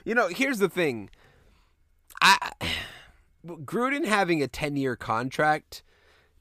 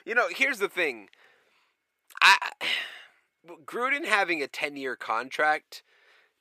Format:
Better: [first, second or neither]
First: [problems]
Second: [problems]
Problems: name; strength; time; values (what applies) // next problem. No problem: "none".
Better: first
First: none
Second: thin; somewhat; fading below 450 Hz